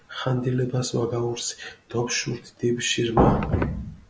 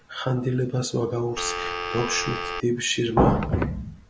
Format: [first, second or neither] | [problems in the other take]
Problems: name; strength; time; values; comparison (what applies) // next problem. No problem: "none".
first | background sound (Telephone); 5 dB below the speech